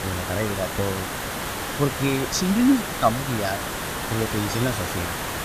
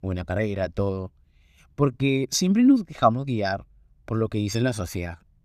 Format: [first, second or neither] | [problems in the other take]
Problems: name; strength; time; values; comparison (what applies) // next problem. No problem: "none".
second | hiss; loud; throughout; 3 dB below the speech